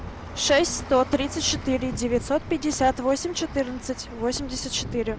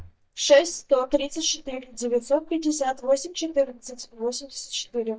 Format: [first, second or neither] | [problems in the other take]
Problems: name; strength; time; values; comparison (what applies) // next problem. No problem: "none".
first | noise reduction (neural mask model DeepFilterNet 3)